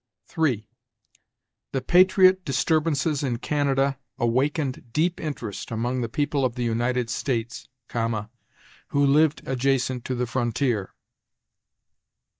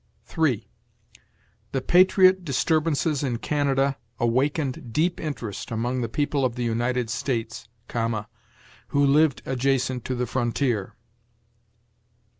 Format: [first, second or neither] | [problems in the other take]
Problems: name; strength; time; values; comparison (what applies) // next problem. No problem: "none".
second | noise reduction (neural mask model DeepFilterNet 3)